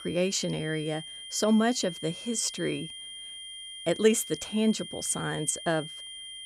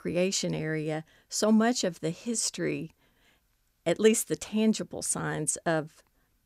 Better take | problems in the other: second | high-pitched whine; noticeable; throughout; 3 kHz, 10 dB below the speech

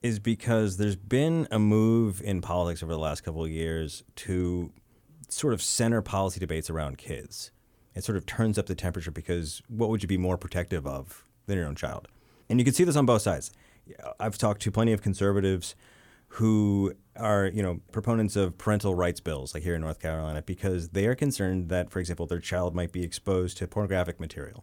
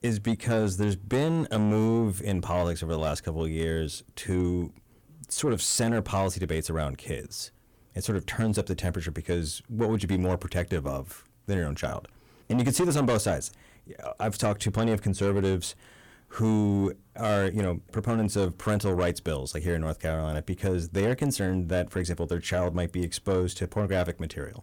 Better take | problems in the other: first | distortion; slight; 10 dB below the speech

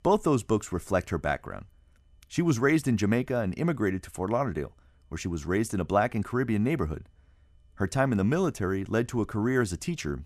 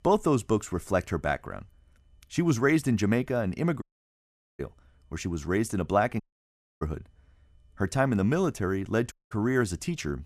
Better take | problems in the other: first | audio cutting out; at 4 s for 1 s, at 6 s for 0.5 s and at 9 s

